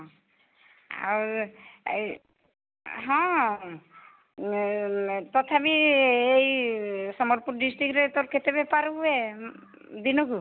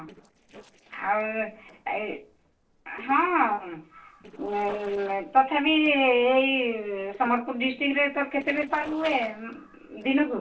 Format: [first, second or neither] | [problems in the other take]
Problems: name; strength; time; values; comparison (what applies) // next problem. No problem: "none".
first | noise reduction (neural separator model SepFormer DNS4)